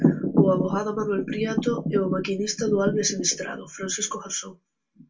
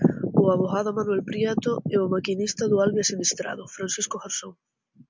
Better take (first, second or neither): second